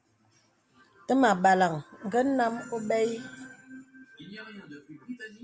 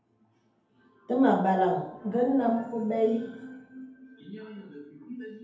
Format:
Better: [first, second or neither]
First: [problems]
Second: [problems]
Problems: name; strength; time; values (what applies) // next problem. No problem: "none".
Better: first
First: none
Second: room echo; dies away in 2.1 s